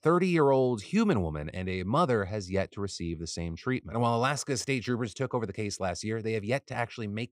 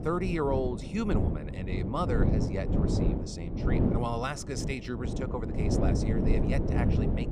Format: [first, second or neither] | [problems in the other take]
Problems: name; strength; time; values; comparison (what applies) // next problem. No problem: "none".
first | wind noise on the microphone; heavy; 2 dB below the speech